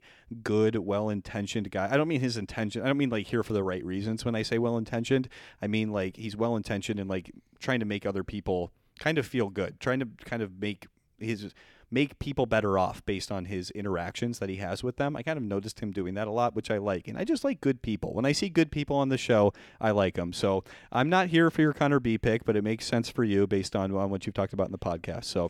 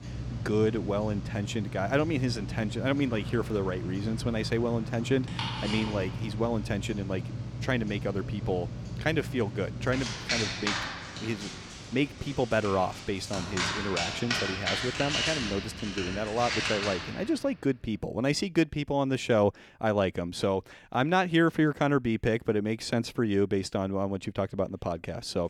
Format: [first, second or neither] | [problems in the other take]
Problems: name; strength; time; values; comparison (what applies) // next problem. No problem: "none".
first | household noises; loud; until 17 s; 4 dB below the speech